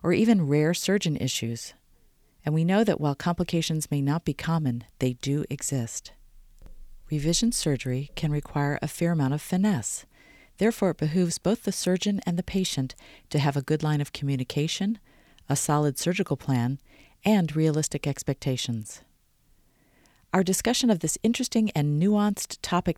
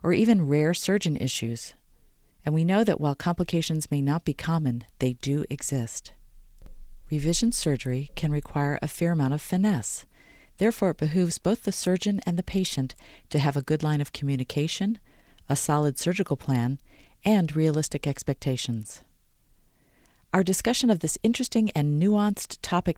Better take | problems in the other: first | garbled, watery; slightly

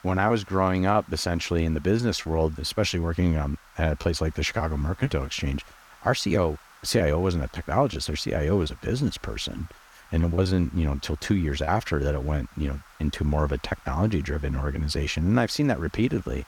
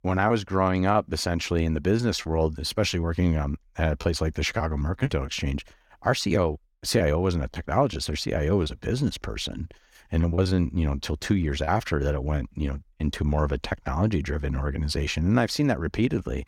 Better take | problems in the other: second | hiss; faint; throughout; 25 dB below the speech

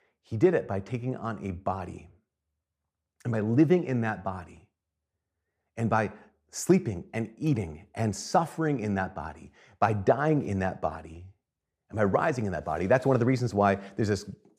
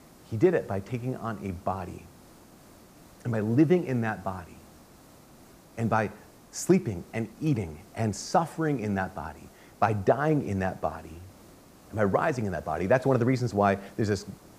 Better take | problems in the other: first | hiss; faint; throughout; 25 dB below the speech

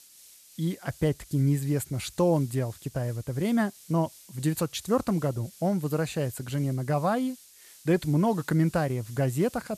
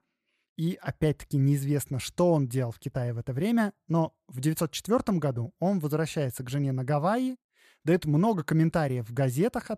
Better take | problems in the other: second | hiss; faint; throughout; 20 dB below the speech

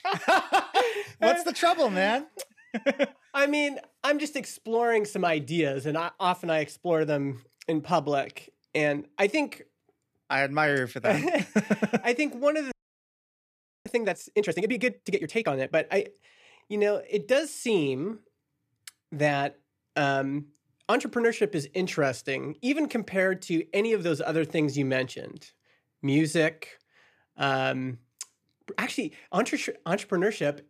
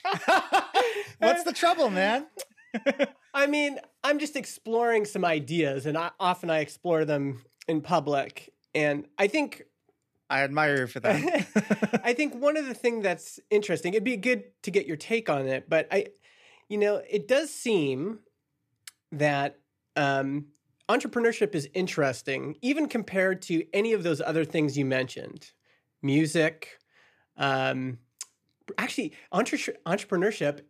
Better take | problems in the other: second | audio freezing; at 13 s for 1 s

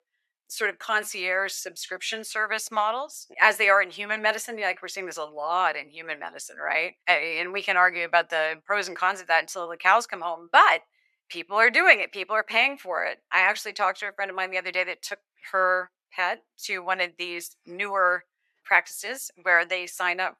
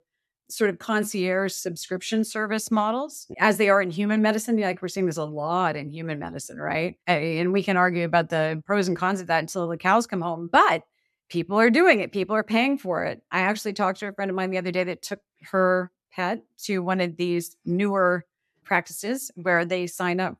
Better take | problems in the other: second | thin; very; fading below 700 Hz

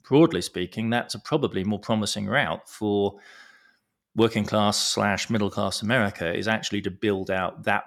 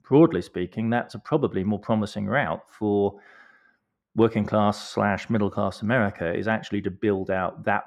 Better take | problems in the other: first | muffled; slightly; fading above 2.5 kHz

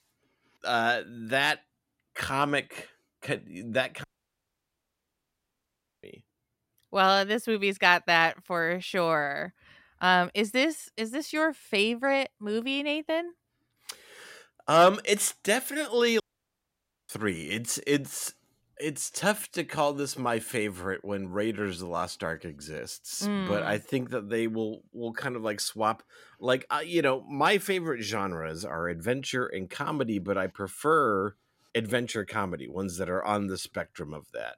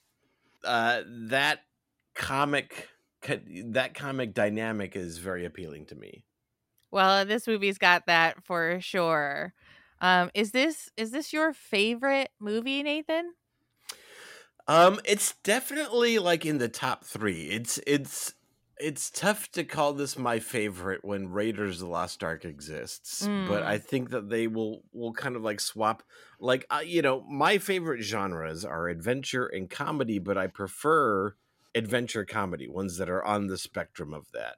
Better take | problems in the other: second | audio cutting out; at 4 s for 2 s and at 16 s for 1 s

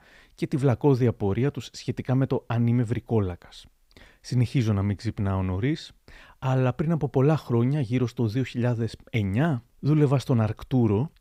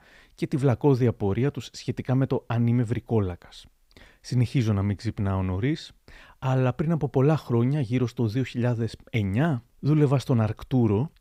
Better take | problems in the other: neither | none

